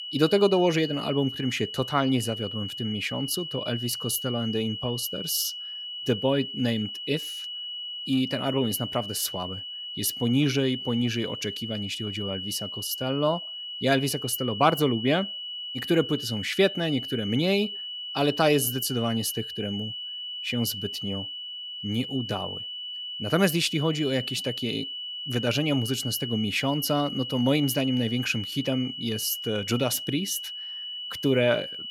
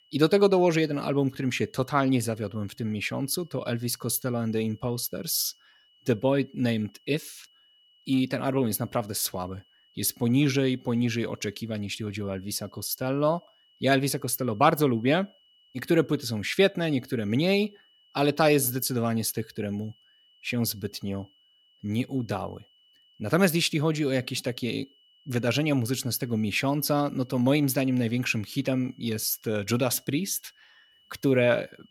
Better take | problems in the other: second | high-pitched whine; loud; throughout; 3 kHz, 6 dB below the speech; faint in the second

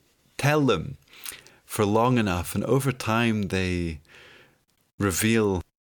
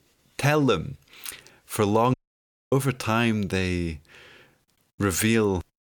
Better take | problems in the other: first | audio cutting out; at 2 s for 0.5 s

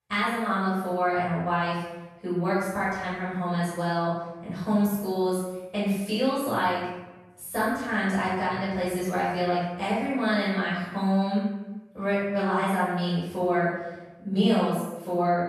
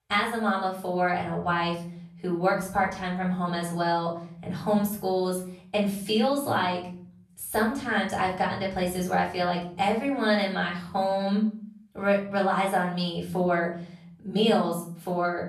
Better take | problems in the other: second | room echo; strong; dies away in 1 s; slight in the second // off-mic speech; far; far in the second

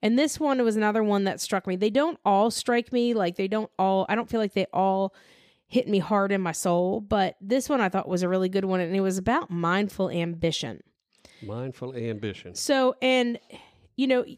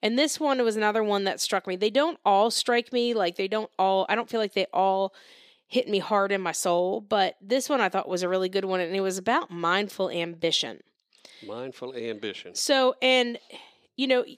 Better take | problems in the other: first | thin; very slightly; fading below 300 Hz

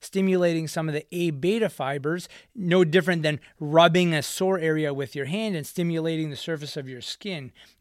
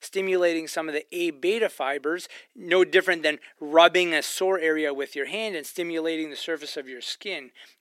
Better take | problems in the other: first | thin; very; fading below 300 Hz

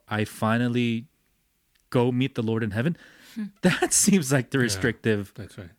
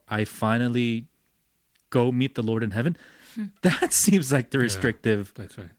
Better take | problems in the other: first | garbled, watery; slightly

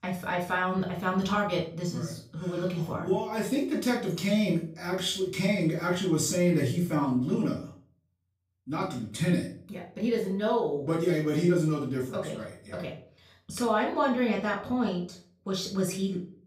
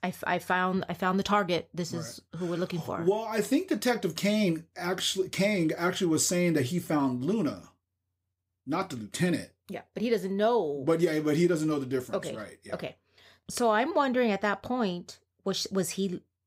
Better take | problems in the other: second | off-mic speech; far // room echo; slight; dies away in 0.4 s

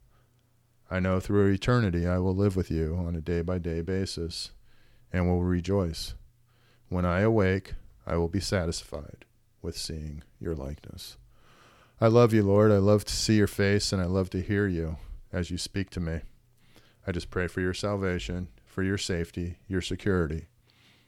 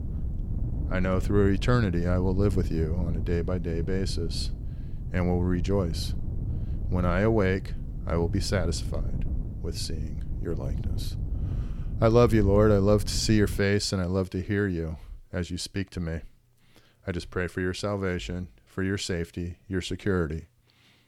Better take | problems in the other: first | wind noise on the microphone; occasional gusts; until 14 s; 15 dB below the speech

